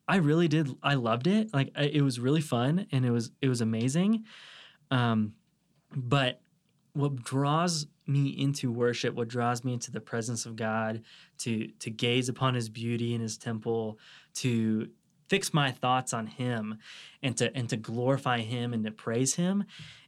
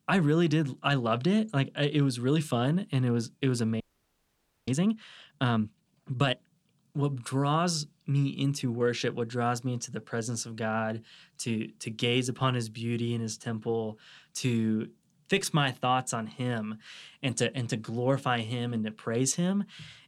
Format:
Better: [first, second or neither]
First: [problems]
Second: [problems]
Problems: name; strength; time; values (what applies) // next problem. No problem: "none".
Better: first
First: none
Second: audio freezing; at 4 s for 1 s